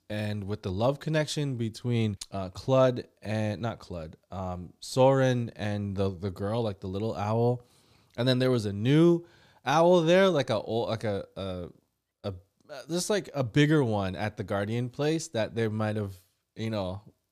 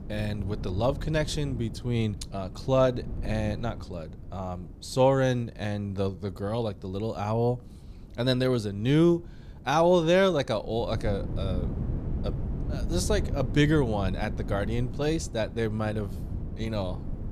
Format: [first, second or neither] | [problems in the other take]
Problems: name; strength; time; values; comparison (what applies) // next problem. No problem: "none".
first | wind noise on the microphone; occasional gusts; 15 dB below the speech